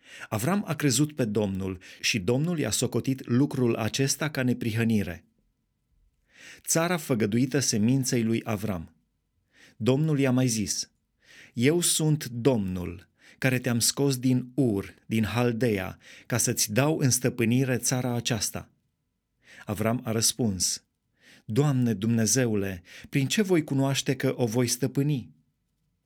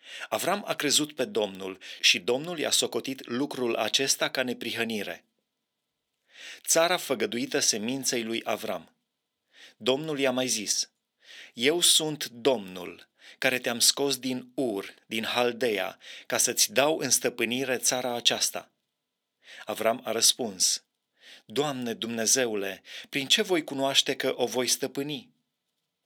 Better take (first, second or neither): first